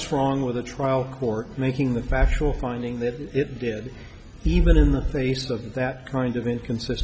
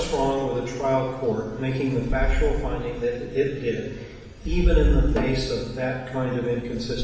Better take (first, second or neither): first